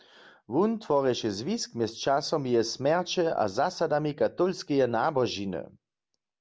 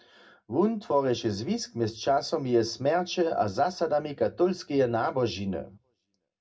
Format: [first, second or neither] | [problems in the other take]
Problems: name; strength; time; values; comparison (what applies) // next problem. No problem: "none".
first | room echo; dies away in 0.2 s